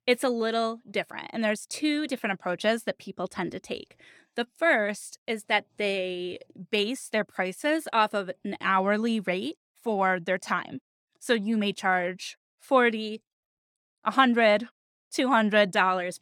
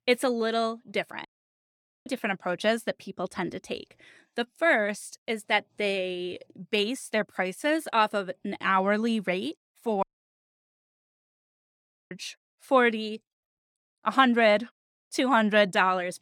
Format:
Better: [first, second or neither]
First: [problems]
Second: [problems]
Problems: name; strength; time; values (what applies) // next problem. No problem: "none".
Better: first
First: none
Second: audio cutting out; at 1.5 s for 1 s and at 10 s for 2 s